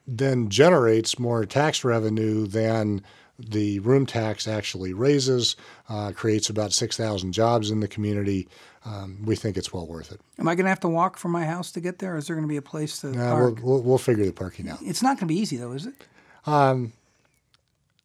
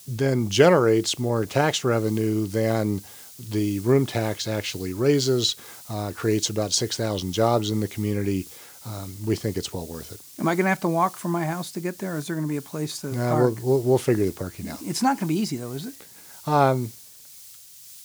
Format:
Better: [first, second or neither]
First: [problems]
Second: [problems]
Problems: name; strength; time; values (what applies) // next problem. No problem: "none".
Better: first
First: none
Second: hiss; noticeable; throughout; 20 dB below the speech